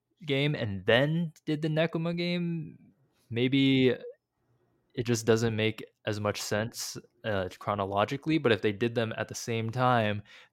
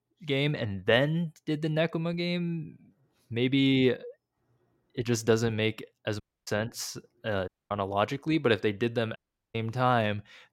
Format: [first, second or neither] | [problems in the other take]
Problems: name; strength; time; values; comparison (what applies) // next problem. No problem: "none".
first | audio cutting out; at 6 s, at 7.5 s and at 9 s